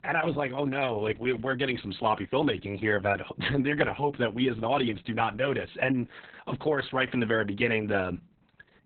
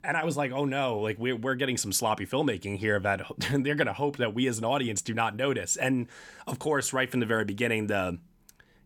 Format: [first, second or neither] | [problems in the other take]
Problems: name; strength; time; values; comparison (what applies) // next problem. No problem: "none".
second | garbled, watery; badly; nothing above 3.5 kHz